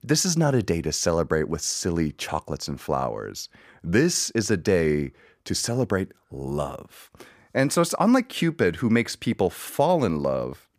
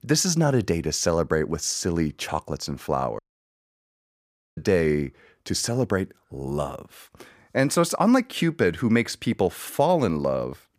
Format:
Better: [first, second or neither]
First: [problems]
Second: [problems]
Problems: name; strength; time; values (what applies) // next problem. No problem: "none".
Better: first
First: none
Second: audio cutting out; at 3 s for 1.5 s